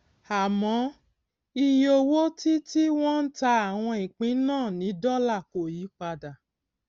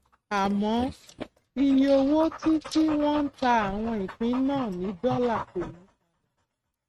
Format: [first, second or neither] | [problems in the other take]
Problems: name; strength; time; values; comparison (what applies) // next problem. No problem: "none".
first | noise reduction (neural mask model RNNoise)